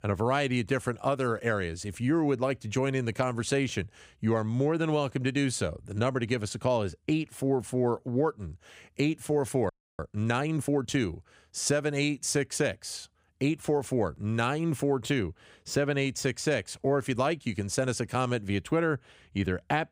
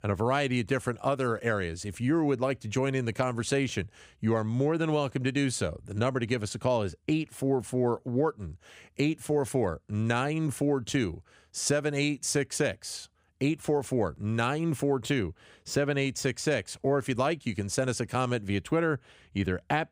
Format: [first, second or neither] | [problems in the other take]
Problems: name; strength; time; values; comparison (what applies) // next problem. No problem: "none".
second | audio freezing; at 9.5 s